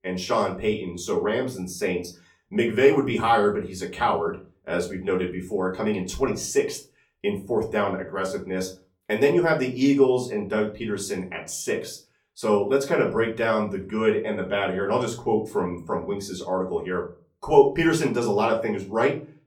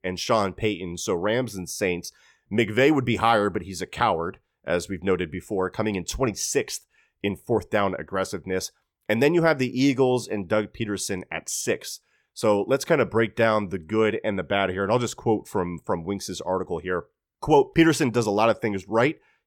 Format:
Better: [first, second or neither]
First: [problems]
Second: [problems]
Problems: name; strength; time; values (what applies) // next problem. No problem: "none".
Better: second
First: off-mic speech; far // room echo; very slight; dies away in 0.3 s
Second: none